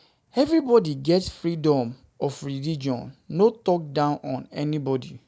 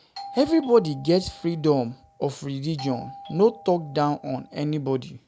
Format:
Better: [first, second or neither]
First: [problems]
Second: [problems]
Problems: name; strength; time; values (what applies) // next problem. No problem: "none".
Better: first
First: none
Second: background sound (Doorbell); 19 dB below the speech